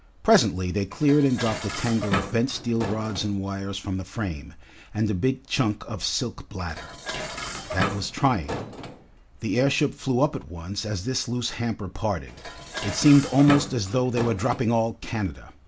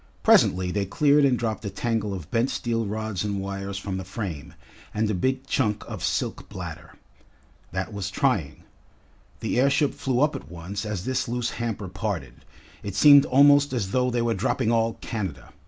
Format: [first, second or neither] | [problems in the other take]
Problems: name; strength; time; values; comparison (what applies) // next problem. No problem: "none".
second | background sound (Dishes, pots, and pans); 11 dB below the speech